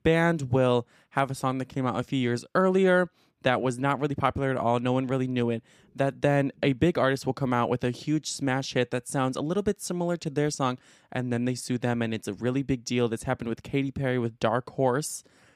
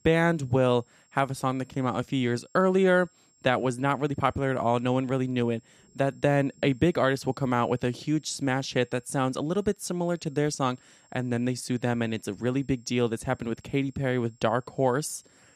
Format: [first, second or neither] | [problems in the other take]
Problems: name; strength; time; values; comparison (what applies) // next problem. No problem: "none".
first | high-pitched whine; faint; throughout; 7.5 kHz, 35 dB below the speech